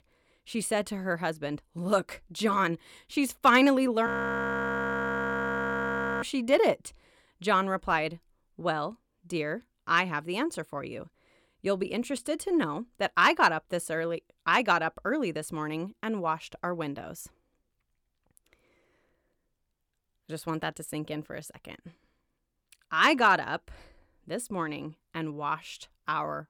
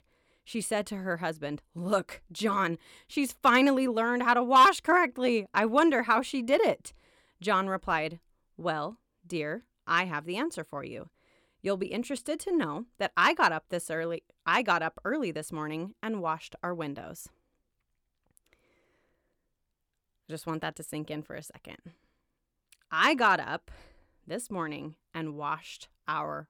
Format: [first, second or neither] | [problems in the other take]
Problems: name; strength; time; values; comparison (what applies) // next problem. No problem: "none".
second | audio freezing; at 4 s for 2 s